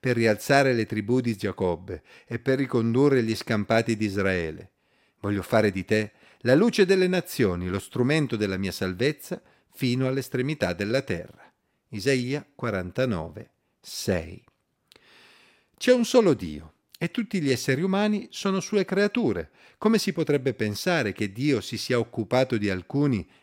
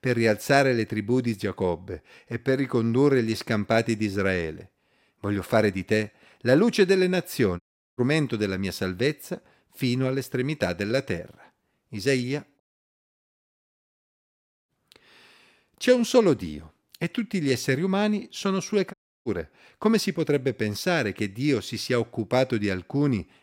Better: first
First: none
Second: audio cutting out; at 7.5 s, at 13 s for 2 s and at 19 s

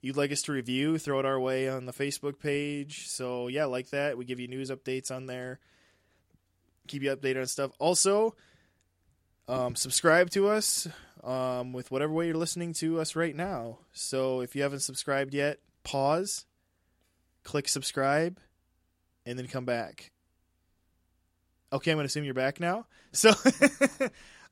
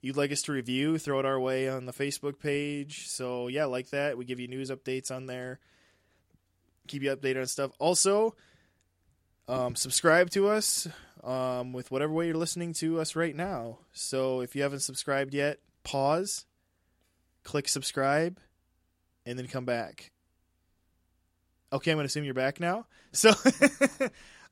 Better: neither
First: none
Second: none

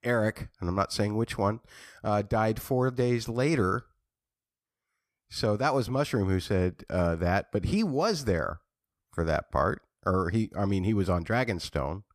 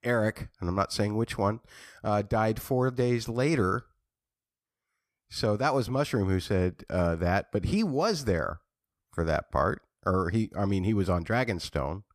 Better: neither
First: none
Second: none

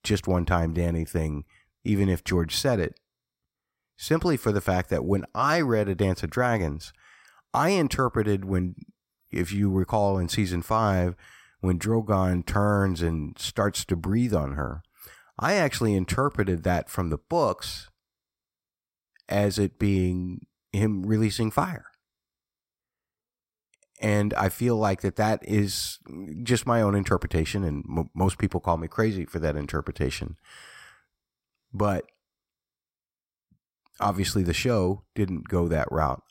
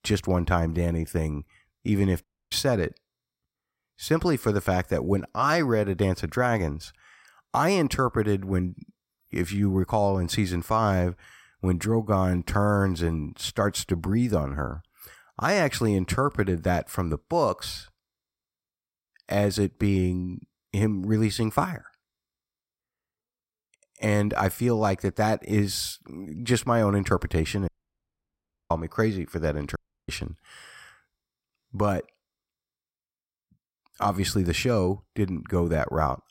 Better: first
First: none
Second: audio cutting out; at 2 s, at 28 s for 1 s and at 30 s

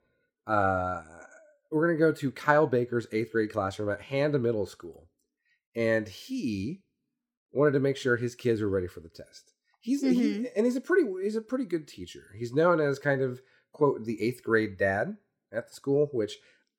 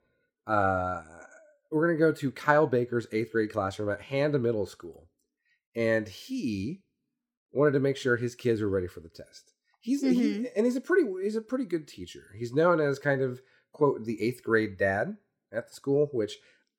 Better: neither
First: none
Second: none

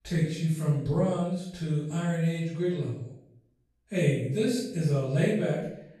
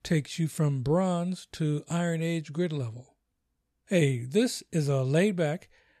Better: second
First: off-mic speech; far // room echo; noticeable; dies away in 0.6 s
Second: none

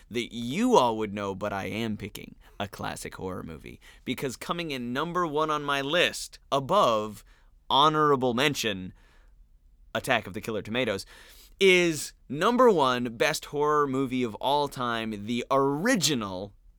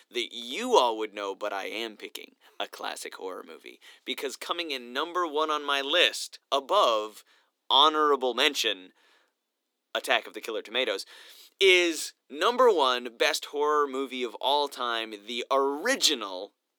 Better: first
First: none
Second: thin; somewhat; fading below 300 Hz

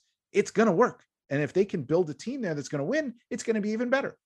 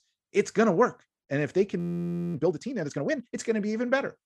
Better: first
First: none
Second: audio freezing; at 2 s for 0.5 s

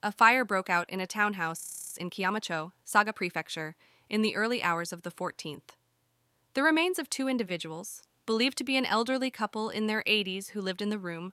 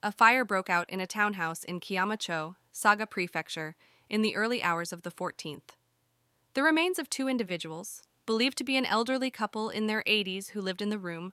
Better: second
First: audio freezing; at 1.5 s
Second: none

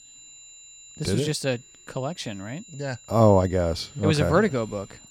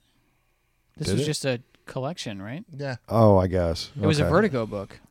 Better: second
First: high-pitched whine; faint; throughout; 7 kHz, 20 dB below the speech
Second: none

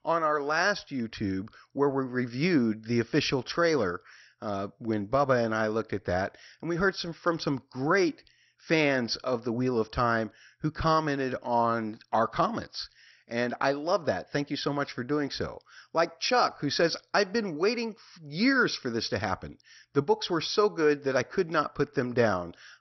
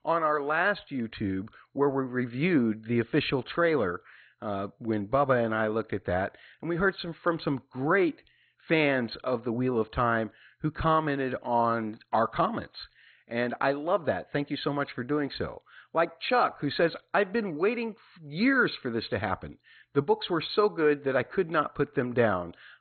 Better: first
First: garbled, watery; slightly; nothing above 6 kHz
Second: garbled, watery; badly; nothing above 4 kHz

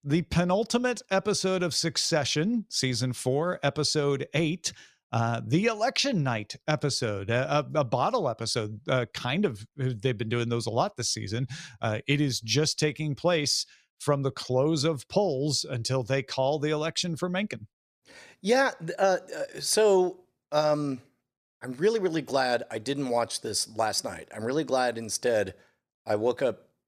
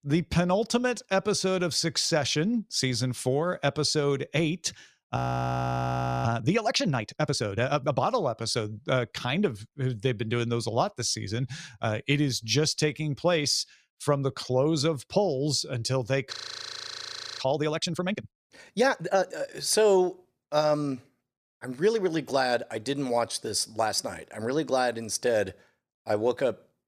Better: first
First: none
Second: audio freezing; at 5 s for 1 s and at 16 s for 1 s

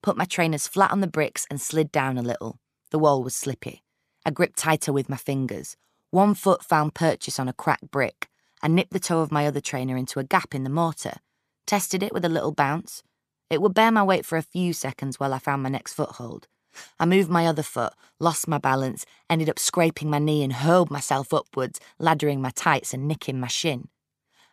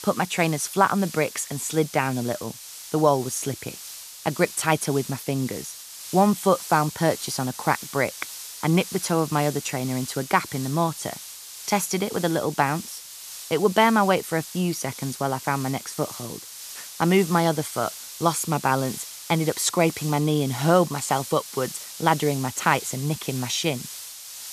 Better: first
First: none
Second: hiss; noticeable; throughout; 10 dB below the speech

